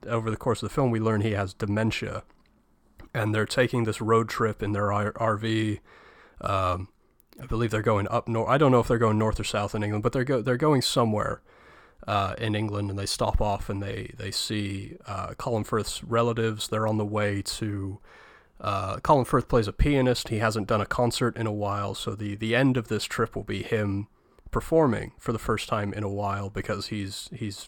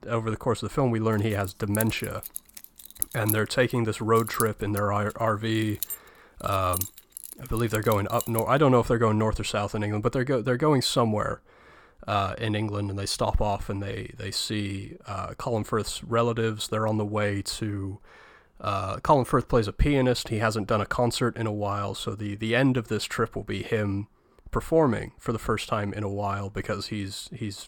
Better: first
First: none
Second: jangling keys; noticeable; from 1.5 to 8.5 s; peak 1 dB below the speech

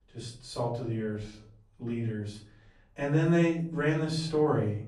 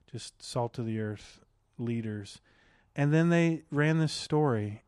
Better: second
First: room echo; slight; dies away in 0.4 s // off-mic speech; far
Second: none

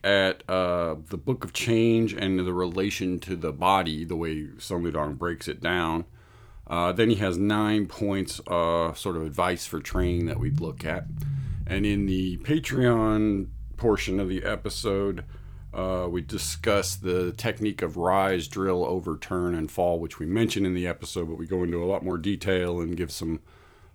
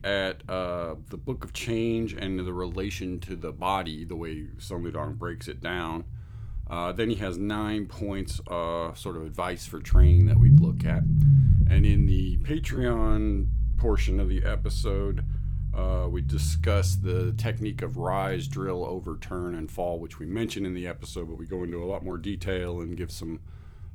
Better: first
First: low rumble; faint; throughout; 20 dB below the speech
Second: low rumble; loud; throughout; 4 dB below the speech

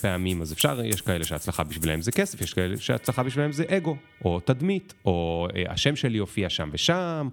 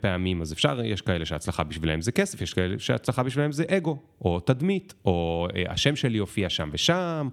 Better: second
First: background music; loud; throughout; 9 dB below the speech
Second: none

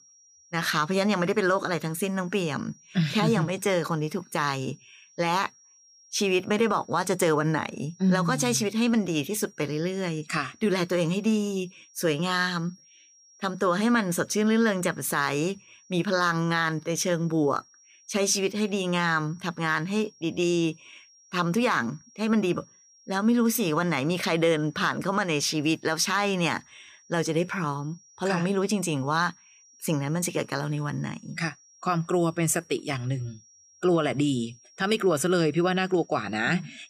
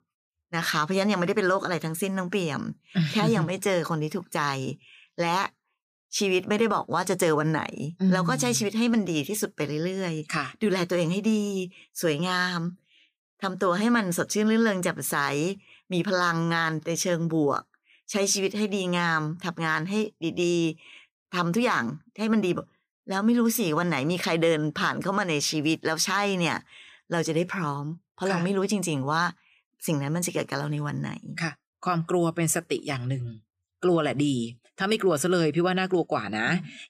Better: second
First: high-pitched whine; faint; throughout; 5.5 kHz, 30 dB below the speech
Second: none

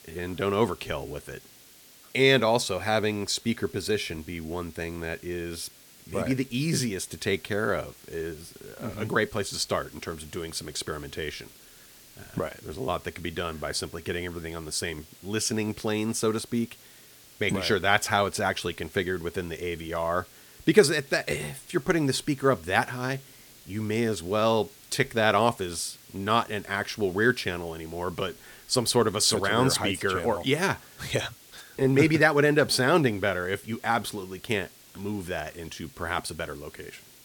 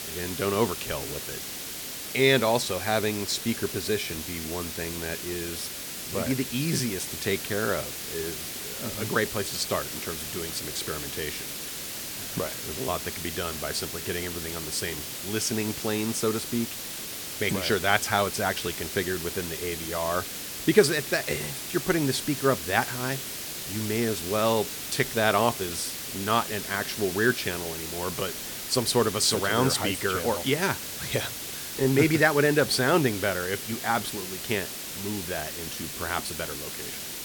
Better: first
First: hiss; faint; throughout; 20 dB below the speech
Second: hiss; loud; throughout; 5 dB below the speech

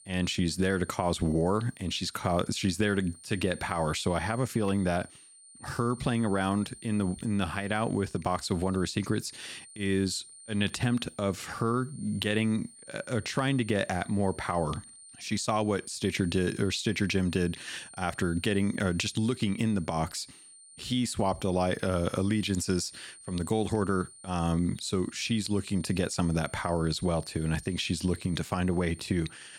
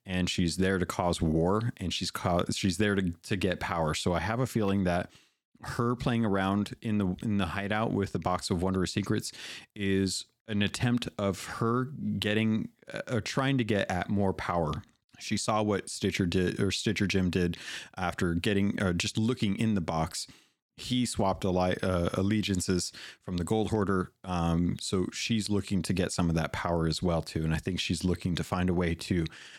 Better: second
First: high-pitched whine; noticeable; throughout; 9 kHz, 20 dB below the speech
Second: none

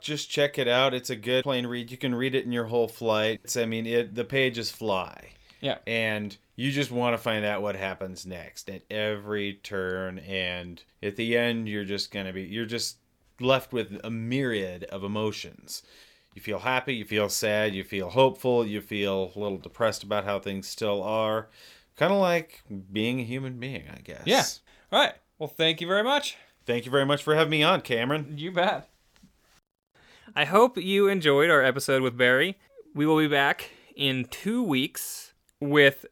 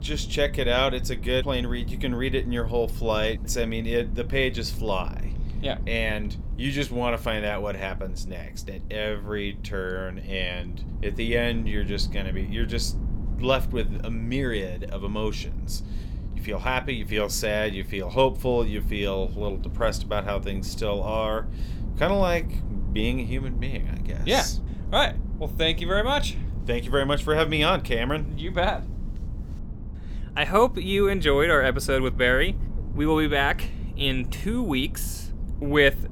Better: first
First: none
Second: low rumble; faint; throughout; 20 dB below the speech

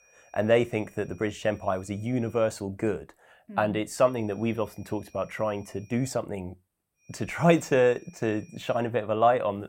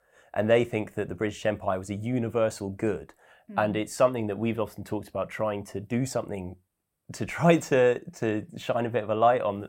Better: second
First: high-pitched whine; faint; until 2.5 s, from 4 to 6 s and from 7 to 9 s; 2.5 kHz, 30 dB below the speech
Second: none

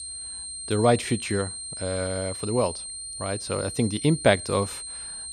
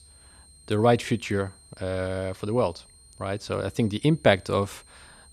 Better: second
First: high-pitched whine; loud; throughout; 8.5 kHz, 7 dB below the speech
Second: high-pitched whine; faint; throughout; 8.5 kHz, 25 dB below the speech

